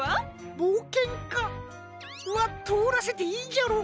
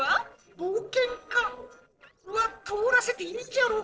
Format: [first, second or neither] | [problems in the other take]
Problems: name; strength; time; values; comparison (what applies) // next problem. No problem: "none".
first | noise reduction (neural separator model SepFormer DNS4)